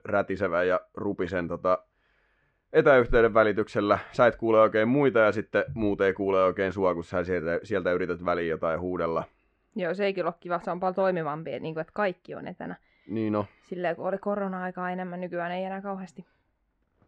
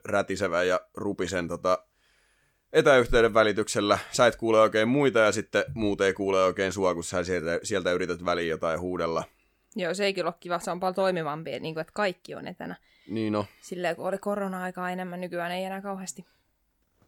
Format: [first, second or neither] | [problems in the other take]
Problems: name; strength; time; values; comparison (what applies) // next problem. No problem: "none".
second | muffled; very; fading above 2 kHz